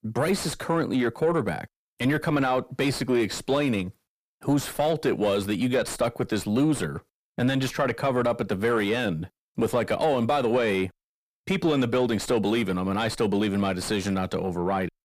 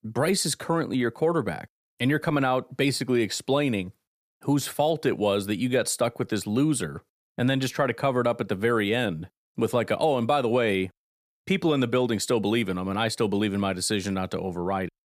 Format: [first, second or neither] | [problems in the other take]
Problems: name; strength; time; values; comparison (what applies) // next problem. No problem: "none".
second | distortion; slight; 10 dB below the speech